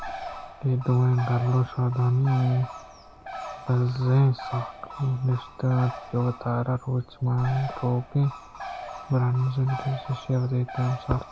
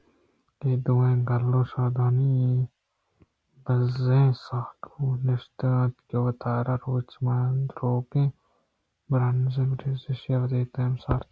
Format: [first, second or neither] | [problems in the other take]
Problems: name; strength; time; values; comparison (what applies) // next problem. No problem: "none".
second | background sound (Bird); 14 dB below the speech